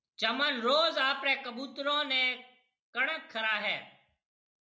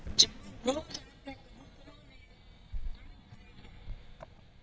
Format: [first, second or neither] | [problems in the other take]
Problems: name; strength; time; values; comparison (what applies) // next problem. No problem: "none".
first | noise reduction (neural mask model DeepFilterNet 3)